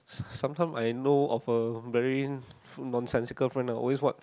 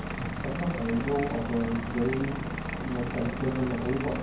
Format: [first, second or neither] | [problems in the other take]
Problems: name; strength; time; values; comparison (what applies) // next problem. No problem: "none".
first | background sound (Engine / Vehicle); 3 dB below the speech // room echo; dies away in 0.9 s